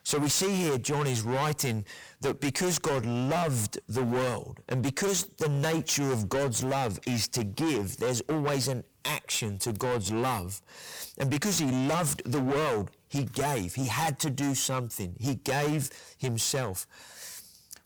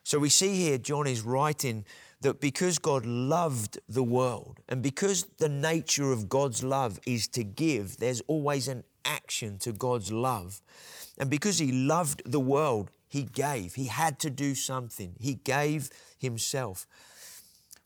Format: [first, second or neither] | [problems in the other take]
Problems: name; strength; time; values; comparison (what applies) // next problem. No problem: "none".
second | distortion; heavy; 22% of the sound clipped